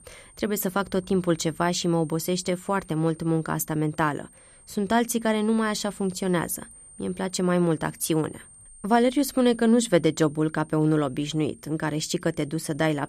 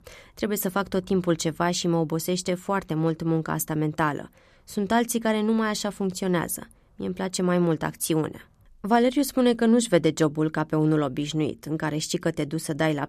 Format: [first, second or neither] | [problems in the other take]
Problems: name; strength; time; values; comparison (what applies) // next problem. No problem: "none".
second | high-pitched whine; faint; throughout; 8.5 kHz, 25 dB below the speech